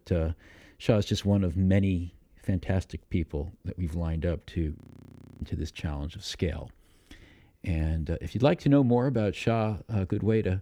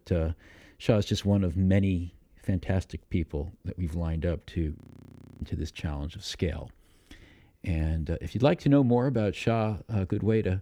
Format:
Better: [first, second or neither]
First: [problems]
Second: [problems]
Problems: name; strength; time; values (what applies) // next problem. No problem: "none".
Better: neither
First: audio freezing; at 5 s for 0.5 s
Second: audio freezing; at 5 s for 0.5 s